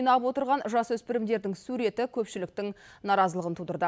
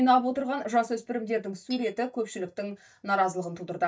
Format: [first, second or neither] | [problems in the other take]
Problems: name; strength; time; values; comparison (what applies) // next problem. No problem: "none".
first | noise reduction (neural mask model DeepFilterNet 3)